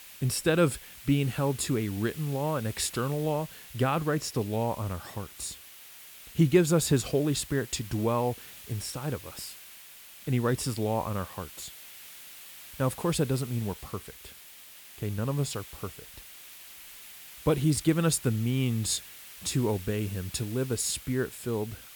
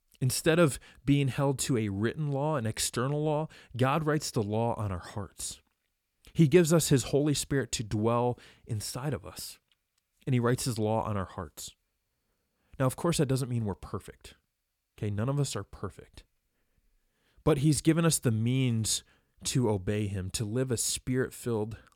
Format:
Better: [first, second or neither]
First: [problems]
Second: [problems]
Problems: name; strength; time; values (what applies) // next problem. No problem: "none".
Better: second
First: hiss; noticeable; throughout; 15 dB below the speech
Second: none